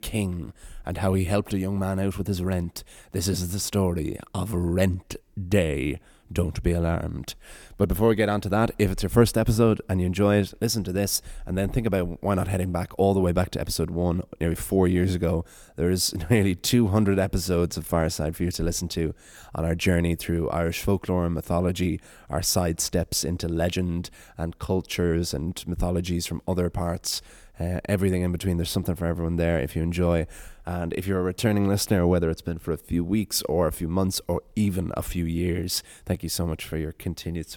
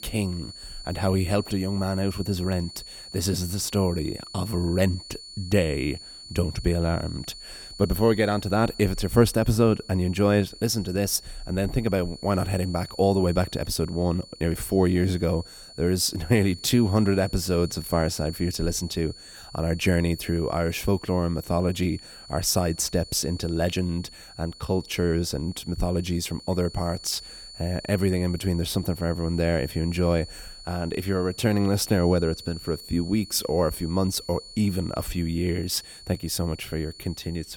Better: first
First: none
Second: high-pitched whine; noticeable; throughout; 4.5 kHz, 15 dB below the speech

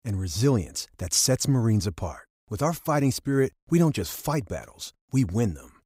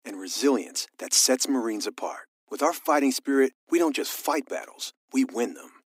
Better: first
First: none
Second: thin; very slightly; fading below 250 Hz

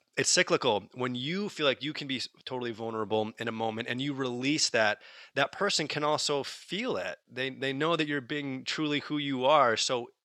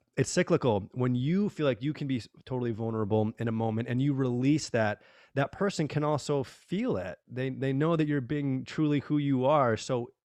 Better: second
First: thin; somewhat; fading below 750 Hz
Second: none

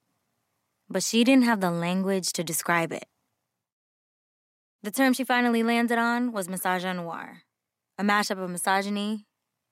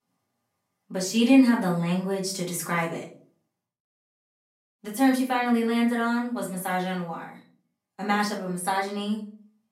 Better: first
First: none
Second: room echo; slight; dies away in 0.4 s // off-mic speech; far

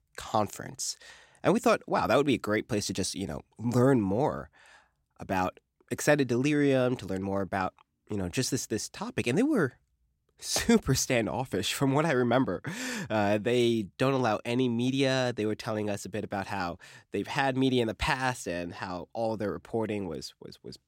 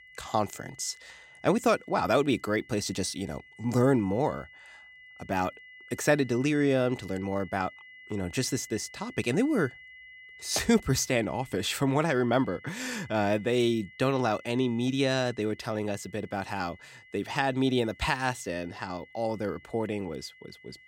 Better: first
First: none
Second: high-pitched whine; faint; throughout; 2 kHz, 20 dB below the speech

